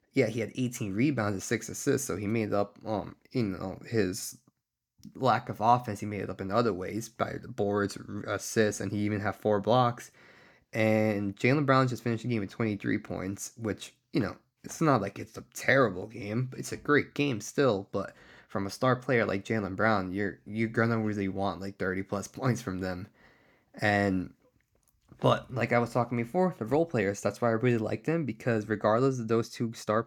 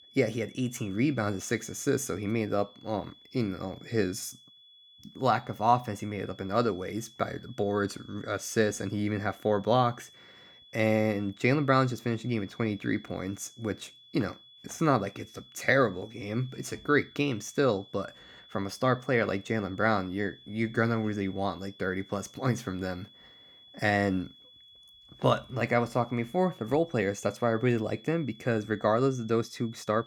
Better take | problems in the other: first | high-pitched whine; faint; throughout; 3.5 kHz, 25 dB below the speech

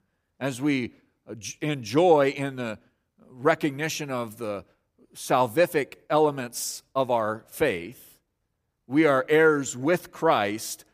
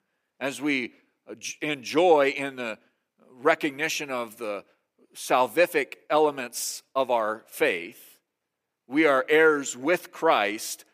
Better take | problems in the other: first | thin; very slightly; fading below 300 Hz

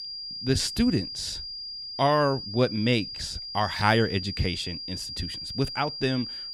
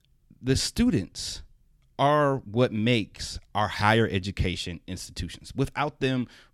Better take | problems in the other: second | high-pitched whine; loud; throughout; 5 kHz, 7 dB below the speech

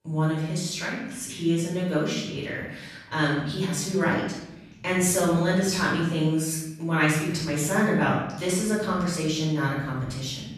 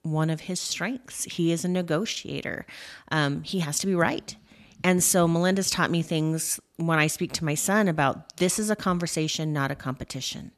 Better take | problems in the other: second | off-mic speech; far // room echo; noticeable; dies away in 0.8 s

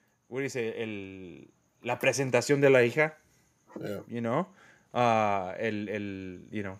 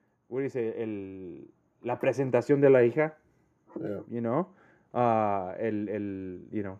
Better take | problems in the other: first | muffled; very; fading above 2 kHz

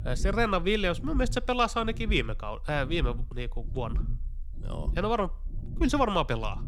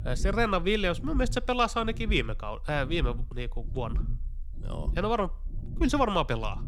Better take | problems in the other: neither | low rumble; faint; throughout; 25 dB below the speech; the same in both

